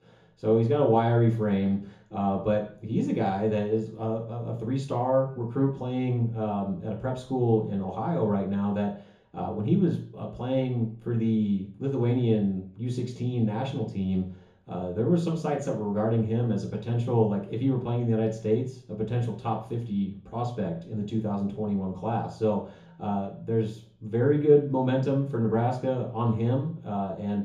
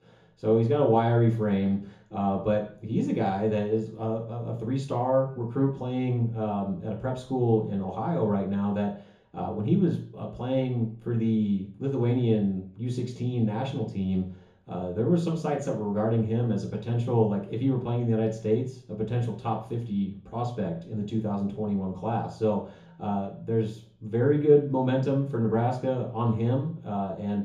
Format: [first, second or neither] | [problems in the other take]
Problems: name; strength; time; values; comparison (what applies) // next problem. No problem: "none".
neither | room echo; slight; dies away in 0.6 s; the same in both // off-mic speech; far; the same in both